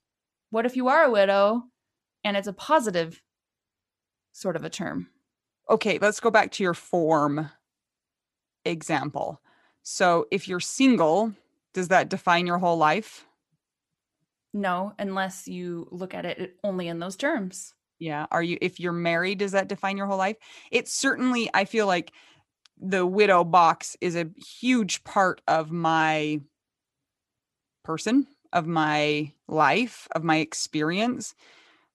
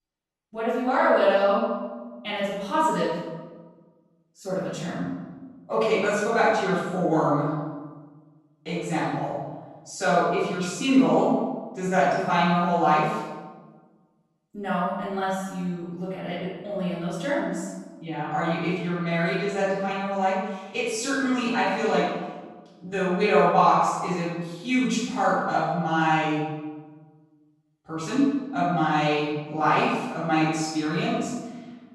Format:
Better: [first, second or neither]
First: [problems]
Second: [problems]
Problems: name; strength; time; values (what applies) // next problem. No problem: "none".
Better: first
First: none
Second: off-mic speech; far // room echo; strong; dies away in 1.2 s